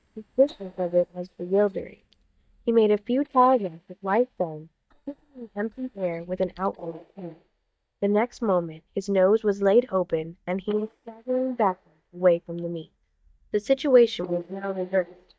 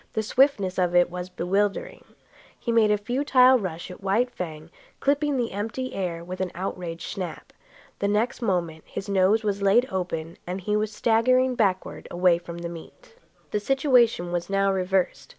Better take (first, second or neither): second